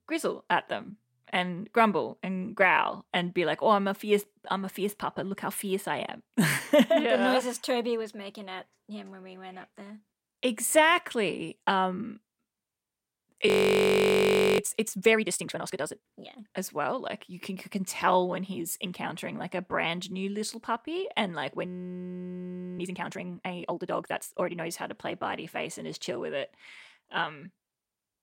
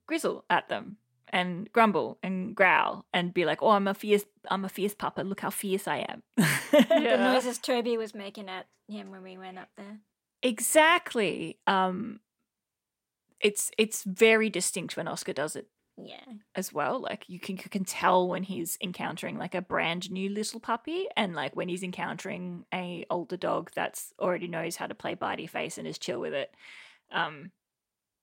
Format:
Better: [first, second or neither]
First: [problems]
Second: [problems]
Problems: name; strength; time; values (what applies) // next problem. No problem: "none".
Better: second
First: audio freezing; at 13 s for 1 s and at 22 s for 1 s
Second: none